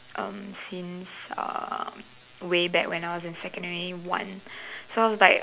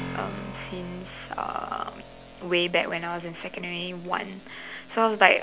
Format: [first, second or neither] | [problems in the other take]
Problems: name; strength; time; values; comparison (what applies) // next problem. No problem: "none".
first | background sound (Keyboard (musical)); 15 dB below the speech